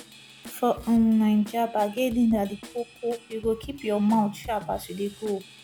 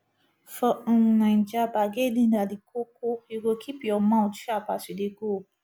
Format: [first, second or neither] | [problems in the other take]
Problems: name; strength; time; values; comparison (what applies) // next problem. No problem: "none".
second | background sound (Drum / Drum kit); 19 dB below the speech